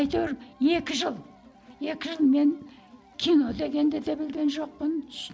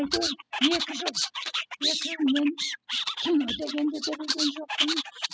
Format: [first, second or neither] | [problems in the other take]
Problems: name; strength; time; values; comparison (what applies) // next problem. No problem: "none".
first | noise reduction (classical method spectral subtraction)